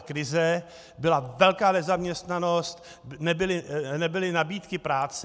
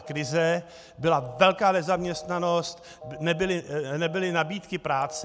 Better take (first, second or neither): first